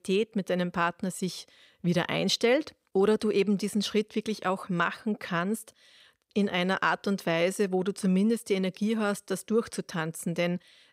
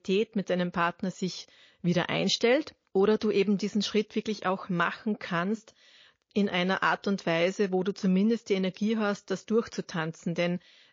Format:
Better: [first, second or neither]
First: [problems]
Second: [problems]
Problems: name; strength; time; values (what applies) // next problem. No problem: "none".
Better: first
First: none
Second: garbled, watery; slightly; nothing above 6.5 kHz